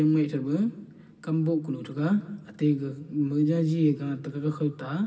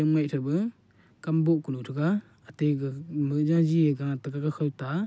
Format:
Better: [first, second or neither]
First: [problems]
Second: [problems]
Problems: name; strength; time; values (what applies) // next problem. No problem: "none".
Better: second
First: room echo; dies away in 1.4 s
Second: none